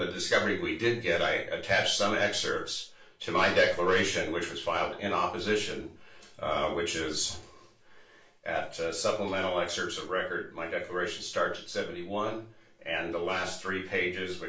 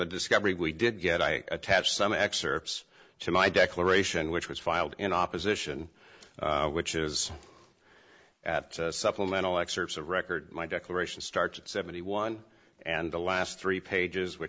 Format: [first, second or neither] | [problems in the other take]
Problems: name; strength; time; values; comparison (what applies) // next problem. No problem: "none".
second | room echo; dies away in 0.3 s